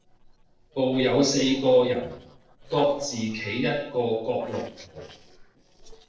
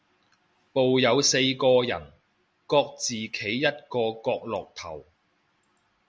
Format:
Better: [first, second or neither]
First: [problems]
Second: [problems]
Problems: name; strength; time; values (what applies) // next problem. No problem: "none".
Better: second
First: noise reduction (neural separator model SepFormer DNS4)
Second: none